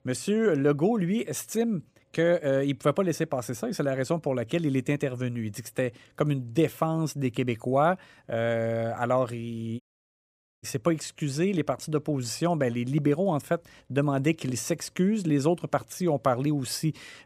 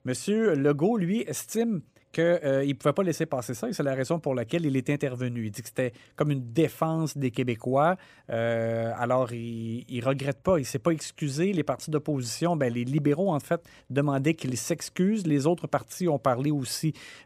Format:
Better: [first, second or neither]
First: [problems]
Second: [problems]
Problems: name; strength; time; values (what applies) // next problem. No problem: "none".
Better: second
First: audio cutting out; at 10 s for 1 s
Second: none